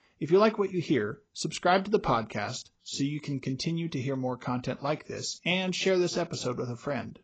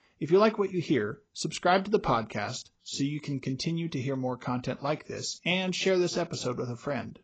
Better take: neither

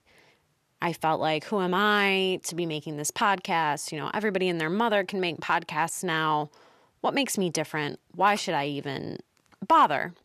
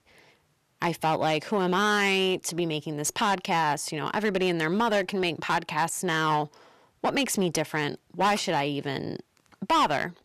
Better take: first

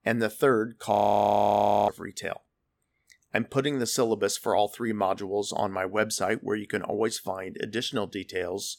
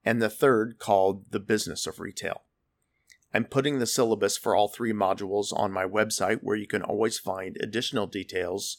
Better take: second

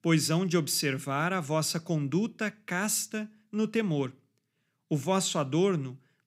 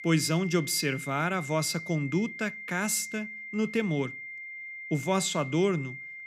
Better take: first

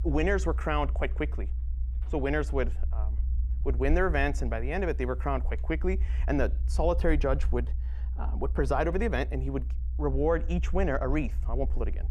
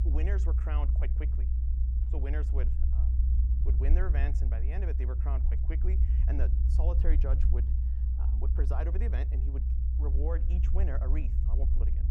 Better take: first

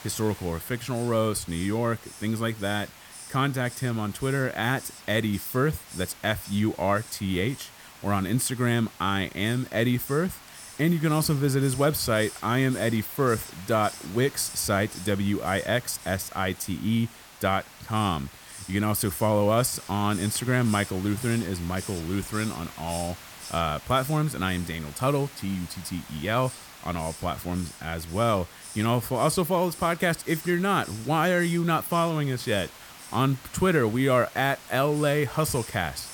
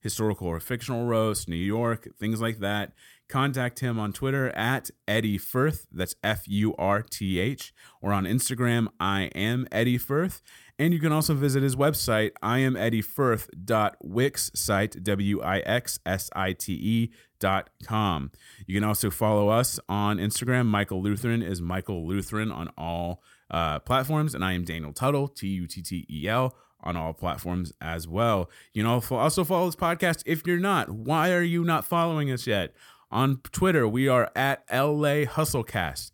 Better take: second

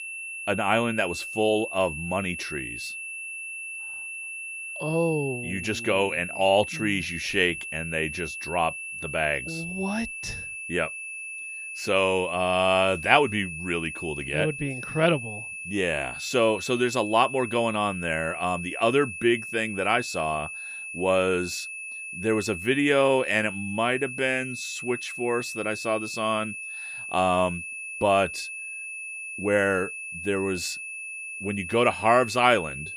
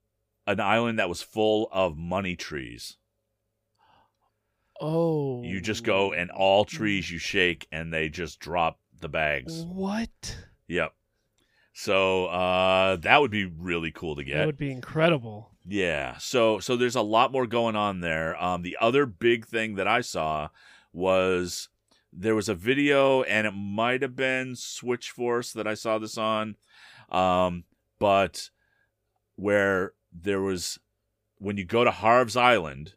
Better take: second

